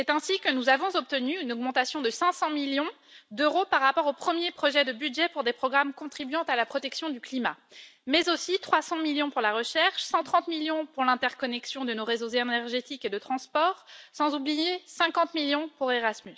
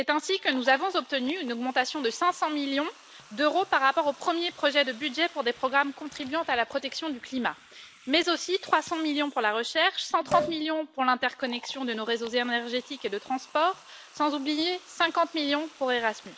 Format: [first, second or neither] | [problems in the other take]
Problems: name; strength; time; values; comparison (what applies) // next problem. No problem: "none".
first | background sound (Liquid); 17 dB below the speech